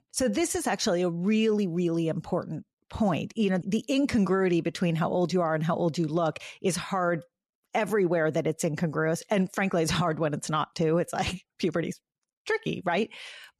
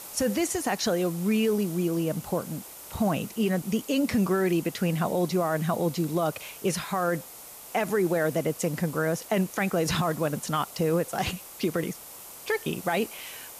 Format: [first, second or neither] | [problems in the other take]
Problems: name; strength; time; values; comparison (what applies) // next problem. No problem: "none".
first | hiss; noticeable; throughout; 15 dB below the speech